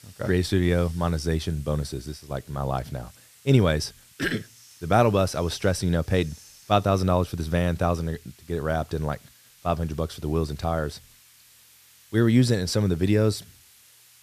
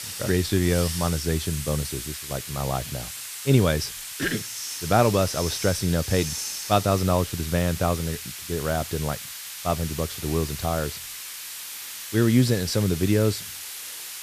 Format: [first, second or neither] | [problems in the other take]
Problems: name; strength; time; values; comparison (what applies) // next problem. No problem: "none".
first | hiss; loud; throughout; 7 dB below the speech; faint in the first